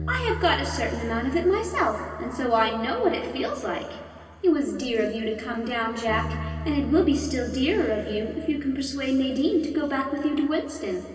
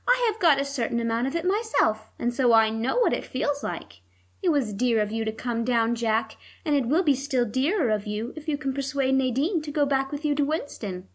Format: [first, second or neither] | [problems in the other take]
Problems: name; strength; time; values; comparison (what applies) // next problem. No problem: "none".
second | background sound (Bass guitar); 12 dB below the speech // room echo; dies away in 2.5 s